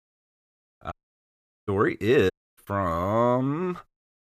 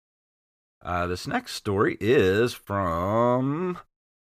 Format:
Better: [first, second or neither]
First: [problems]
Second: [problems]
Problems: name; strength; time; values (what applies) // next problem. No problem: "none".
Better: second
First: audio cutting out; at 1 s for 0.5 s and at 2.5 s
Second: none